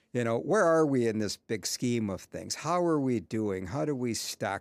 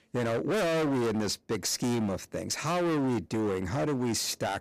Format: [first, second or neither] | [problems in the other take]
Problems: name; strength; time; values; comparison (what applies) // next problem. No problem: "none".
first | distortion; heavy; 30% of the sound clipped